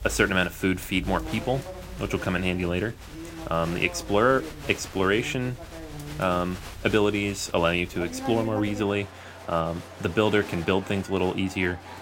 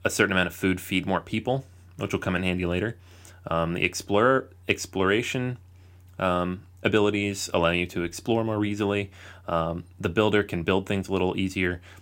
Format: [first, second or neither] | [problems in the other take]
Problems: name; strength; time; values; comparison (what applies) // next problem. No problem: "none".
second | crowd noise; noticeable; throughout; 15 dB below the speech